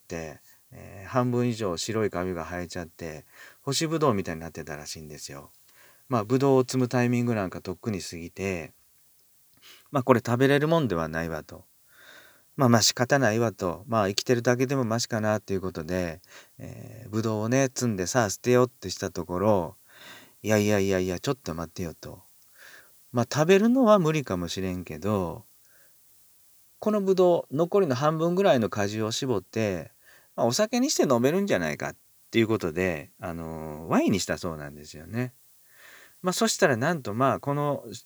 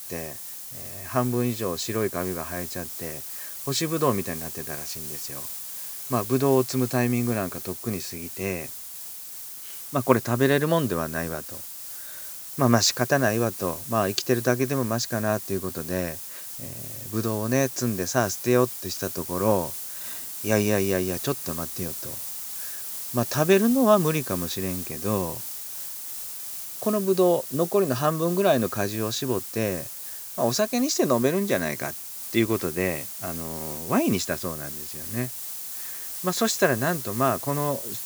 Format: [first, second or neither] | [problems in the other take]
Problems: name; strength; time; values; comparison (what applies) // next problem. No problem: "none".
first | hiss; loud; throughout; 7 dB below the speech; faint in the first